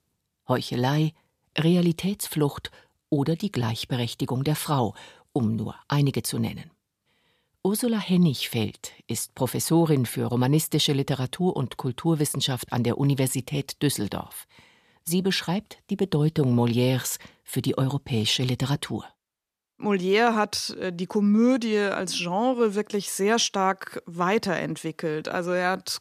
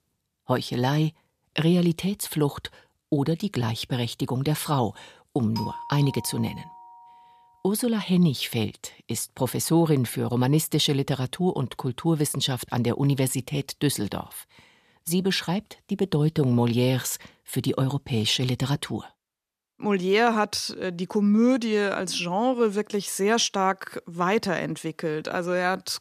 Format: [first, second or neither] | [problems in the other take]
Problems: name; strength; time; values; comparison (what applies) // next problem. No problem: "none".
first | doorbell; noticeable; from 5.5 to 7 s; peak 10 dB below the speech